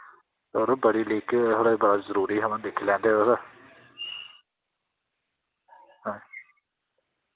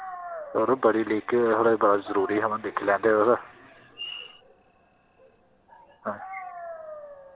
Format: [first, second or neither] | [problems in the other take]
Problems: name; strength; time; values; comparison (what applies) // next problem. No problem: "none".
first | background sound (Dog); 17 dB below the speech